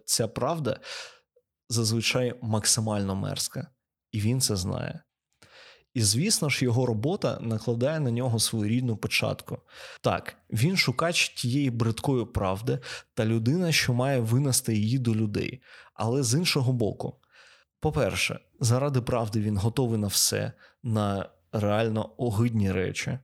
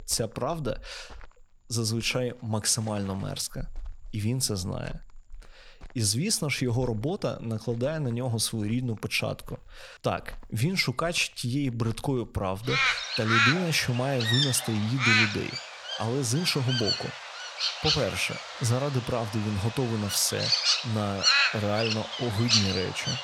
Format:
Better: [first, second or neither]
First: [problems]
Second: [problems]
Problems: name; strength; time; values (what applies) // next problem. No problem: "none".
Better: first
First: none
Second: animal sounds; very loud; throughout; 2 dB above the speech